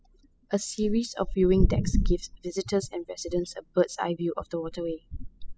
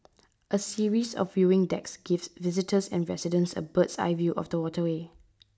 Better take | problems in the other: second | noise reduction (classical method spectral subtraction)

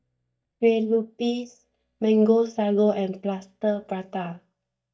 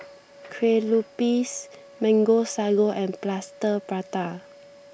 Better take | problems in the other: second | noise reduction (neural mask model DeepFilterNet 3)

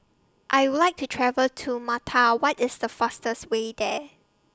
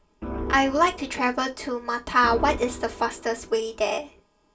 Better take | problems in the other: first | background sound (Organ); 11 dB below the speech // room echo; dies away in 0.2 s

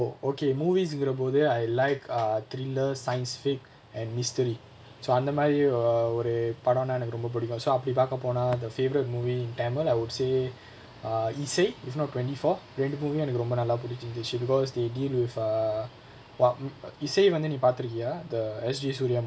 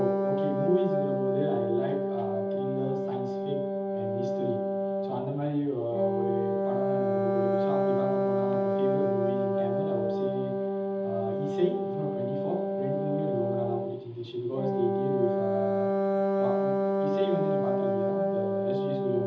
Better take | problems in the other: first | background sound (Wind instrument, woodwind instrument); 4 dB above the speech // room echo; dies away in 0.8 s

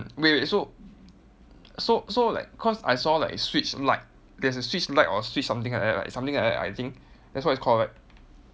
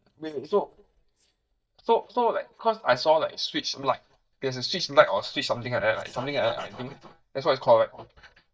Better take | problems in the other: first | noise reduction (neural mask model DeepFilterNet 3)

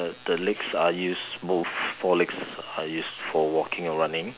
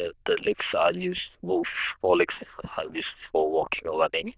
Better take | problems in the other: first | noise reduction (neural diffusion model UNIVERSE++)

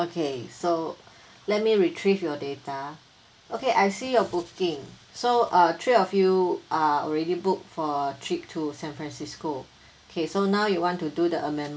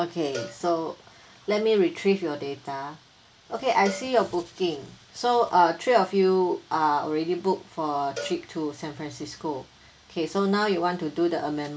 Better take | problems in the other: first | background sound (Cowbell); 17 dB below the speech

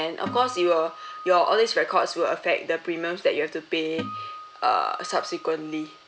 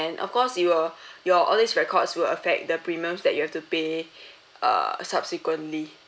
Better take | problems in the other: second | background sound (Acoustic guitar); 14 dB below the speech

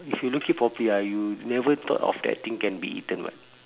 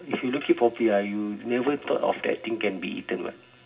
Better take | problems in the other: first | room echo; dies away in 0.4 s

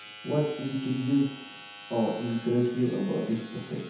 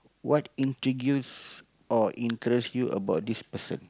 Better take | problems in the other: second | background sound (Domestic sounds, home sounds); 17 dB below the speech // room echo; dies away in 1 s

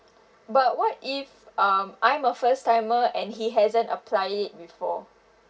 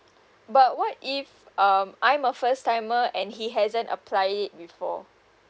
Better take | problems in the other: second | room echo; dies away in 0.2 s

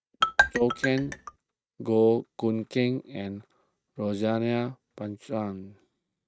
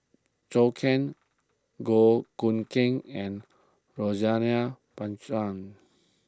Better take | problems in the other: second | noise reduction (neural mask model RNNoise)

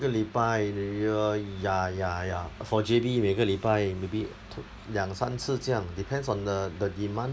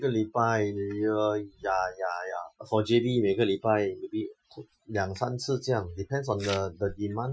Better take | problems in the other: first | noise reduction (classical method Wiener filter)

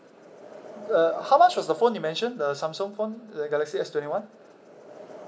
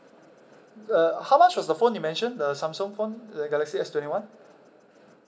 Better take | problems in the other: second | background sound (Wind); 19 dB below the speech

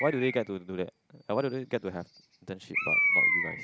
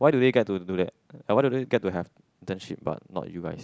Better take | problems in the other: second | background sound (Bird); 2 dB above the speech

